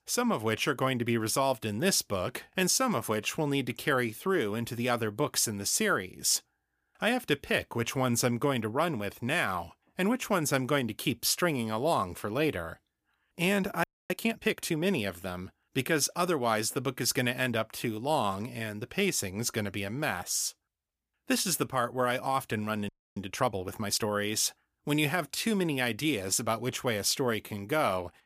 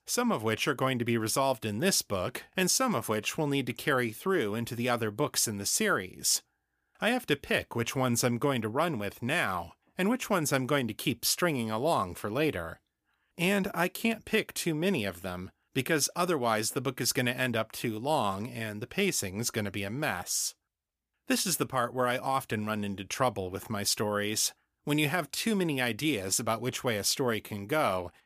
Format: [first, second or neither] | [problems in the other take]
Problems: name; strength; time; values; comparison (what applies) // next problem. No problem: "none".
second | audio freezing; at 14 s and at 23 s